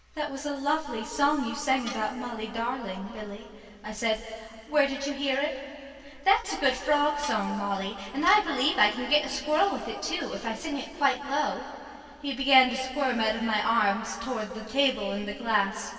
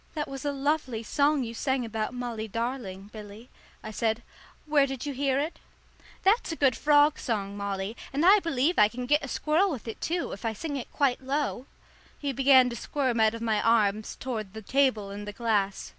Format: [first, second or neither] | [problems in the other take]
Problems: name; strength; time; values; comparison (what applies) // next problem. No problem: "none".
second | background sound (Tools); 17 dB below the speech // room echo; dies away in 2.6 s